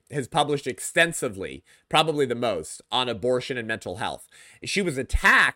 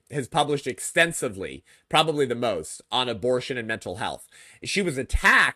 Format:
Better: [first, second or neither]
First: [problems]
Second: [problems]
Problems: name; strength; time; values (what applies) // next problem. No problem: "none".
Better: first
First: none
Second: garbled, watery; slightly